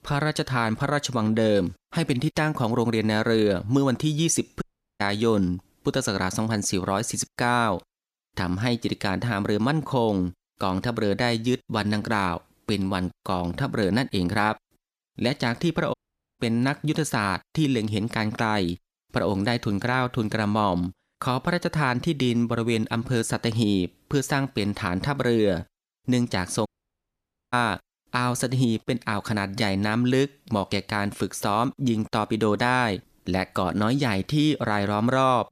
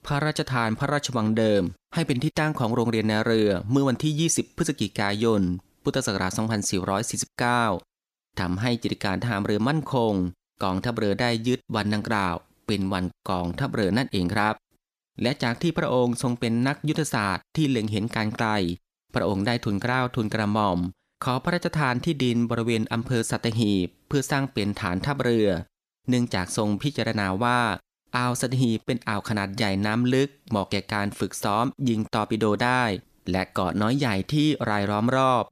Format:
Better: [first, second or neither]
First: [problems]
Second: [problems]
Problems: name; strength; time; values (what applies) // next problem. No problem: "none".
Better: second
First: audio cutting out; at 4.5 s, at 16 s and at 27 s for 1 s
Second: none